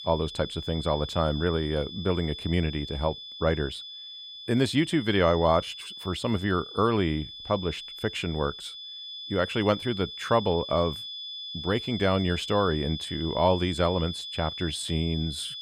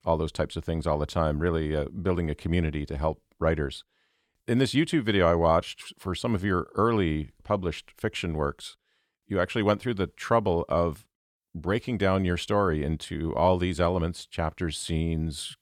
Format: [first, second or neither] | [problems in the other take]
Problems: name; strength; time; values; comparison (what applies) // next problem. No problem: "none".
second | high-pitched whine; loud; throughout; 3.5 kHz, 9 dB below the speech